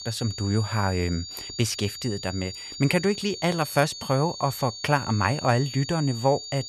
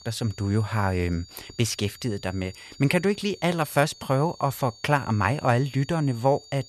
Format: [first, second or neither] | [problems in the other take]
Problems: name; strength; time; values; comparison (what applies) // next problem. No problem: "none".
second | high-pitched whine; loud; throughout; 4.5 kHz, 10 dB below the speech; faint in the second